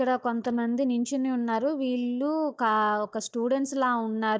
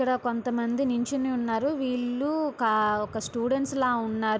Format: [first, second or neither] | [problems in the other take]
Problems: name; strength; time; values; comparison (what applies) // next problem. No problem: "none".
second | noise reduction (neural mask model DeepFilterNet 3)